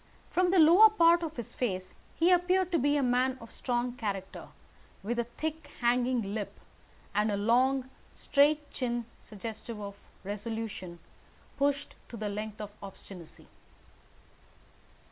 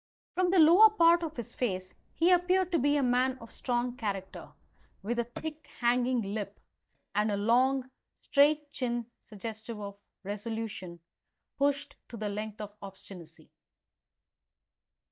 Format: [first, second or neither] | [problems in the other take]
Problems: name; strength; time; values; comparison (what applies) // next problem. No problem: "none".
first | noise reduction (neural mask model DeepFilterNet 3)